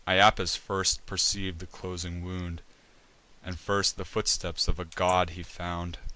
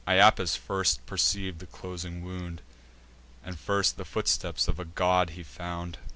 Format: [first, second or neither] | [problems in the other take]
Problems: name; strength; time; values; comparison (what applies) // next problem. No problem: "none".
second | noise reduction (neural mask model Resemble Enhance denoiser)